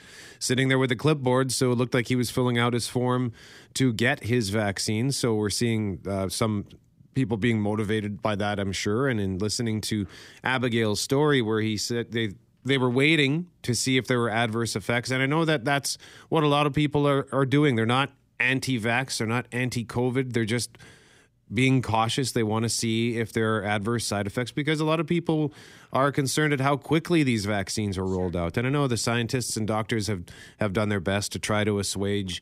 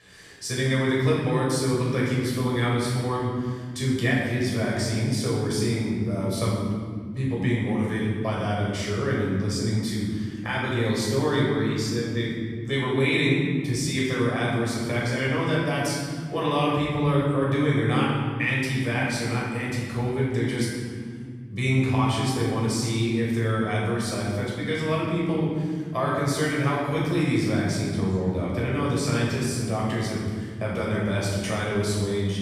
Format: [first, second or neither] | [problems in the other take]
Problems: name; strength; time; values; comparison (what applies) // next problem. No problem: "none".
first | off-mic speech; far // room echo; strong; dies away in 2.1 s